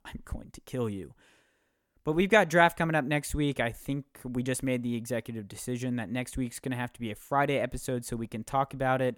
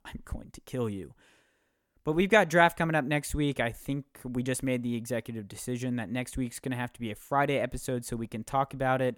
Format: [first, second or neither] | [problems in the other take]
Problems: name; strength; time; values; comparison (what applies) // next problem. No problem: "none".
neither | none